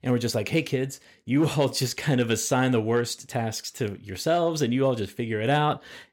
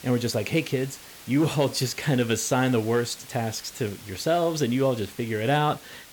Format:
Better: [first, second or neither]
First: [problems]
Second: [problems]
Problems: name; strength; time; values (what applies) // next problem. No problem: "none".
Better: first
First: none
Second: hiss; noticeable; throughout; 20 dB below the speech